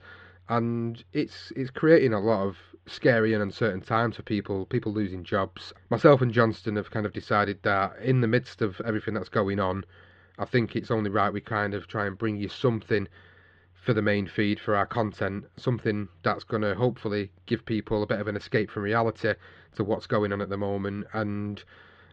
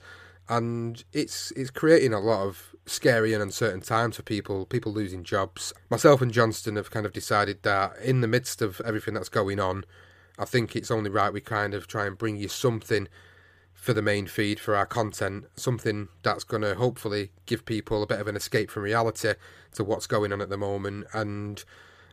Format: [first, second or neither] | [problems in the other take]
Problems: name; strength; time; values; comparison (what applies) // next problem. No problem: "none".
second | muffled; slightly; fading above 4 kHz